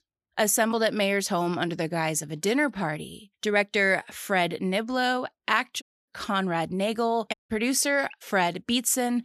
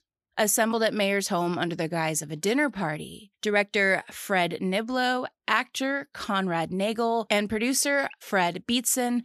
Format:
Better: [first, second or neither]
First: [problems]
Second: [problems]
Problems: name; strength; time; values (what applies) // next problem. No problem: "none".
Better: second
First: audio cutting out; at 6 s and at 7.5 s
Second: none